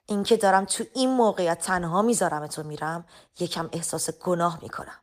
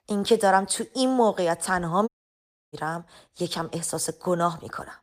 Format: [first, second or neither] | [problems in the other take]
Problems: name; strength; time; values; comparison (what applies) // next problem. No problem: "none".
first | audio cutting out; at 2 s for 0.5 s